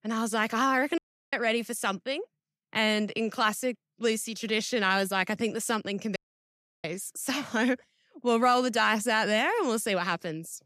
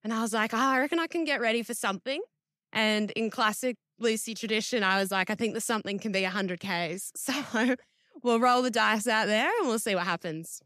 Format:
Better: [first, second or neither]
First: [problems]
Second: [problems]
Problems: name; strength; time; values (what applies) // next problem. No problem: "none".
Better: second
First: audio cutting out; at 1 s and at 6 s for 0.5 s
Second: none